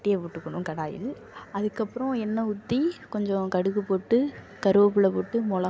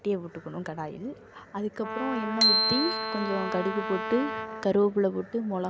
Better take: first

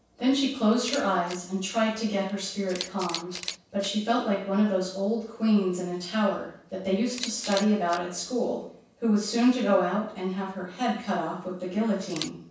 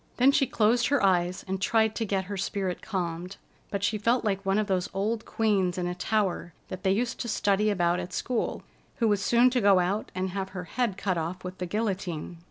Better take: second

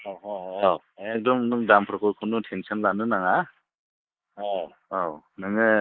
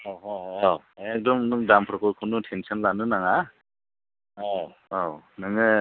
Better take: second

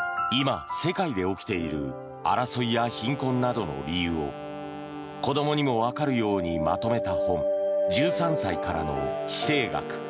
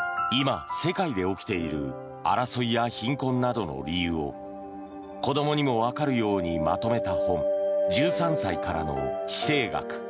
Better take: second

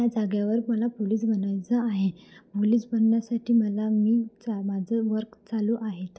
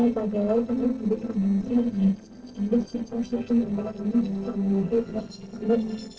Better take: first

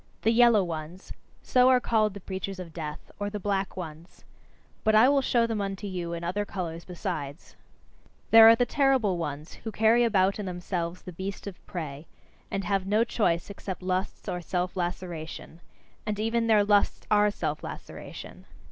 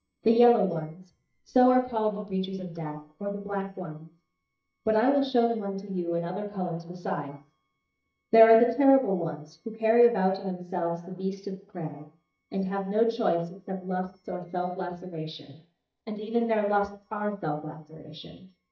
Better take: first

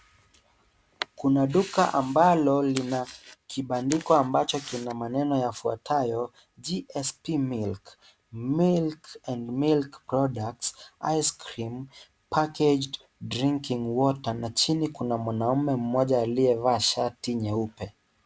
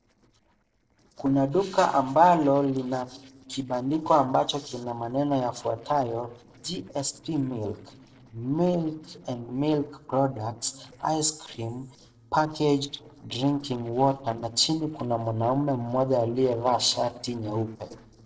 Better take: first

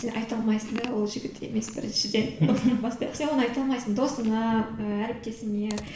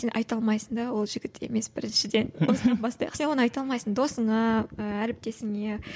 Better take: second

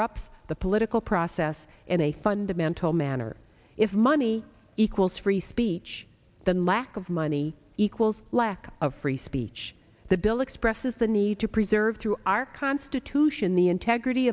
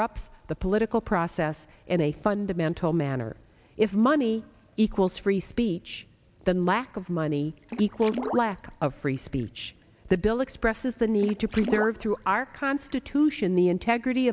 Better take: first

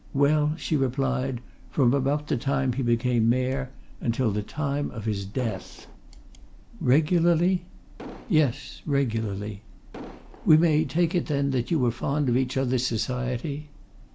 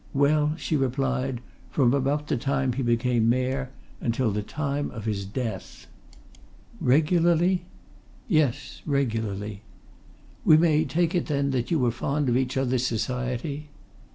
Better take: second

